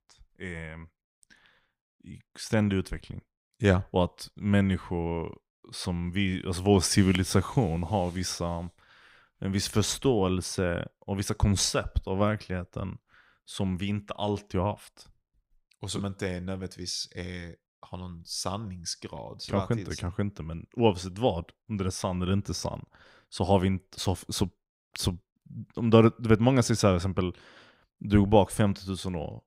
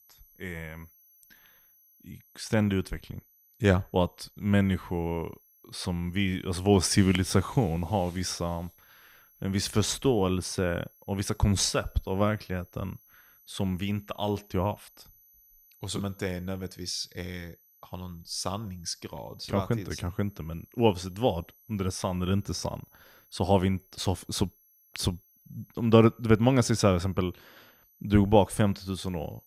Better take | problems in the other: first | high-pitched whine; faint; throughout; 11.5 kHz, 30 dB below the speech

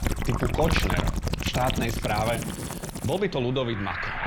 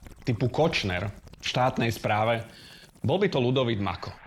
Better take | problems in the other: second | rain or running water; loud; throughout; 2 dB below the speech; faint in the second

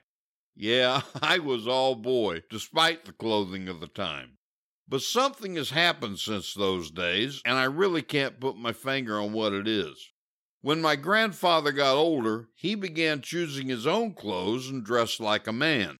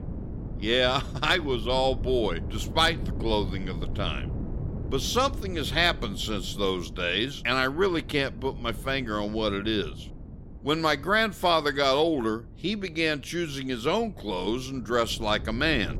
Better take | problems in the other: first | wind noise on the microphone; occasional gusts; 20 dB below the speech

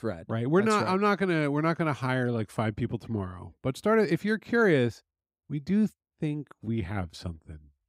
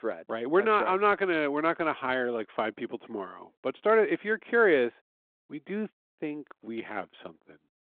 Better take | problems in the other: first | phone-call audio

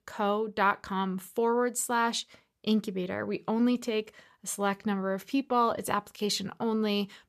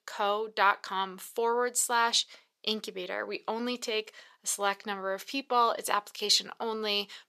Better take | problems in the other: first | thin; somewhat; fading below 450 Hz

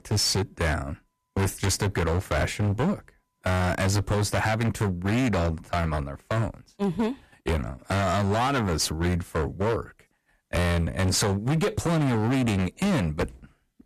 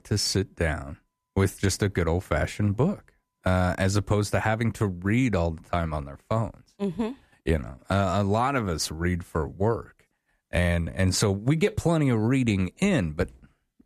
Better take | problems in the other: second | distortion; heavy; 20% of the sound clipped

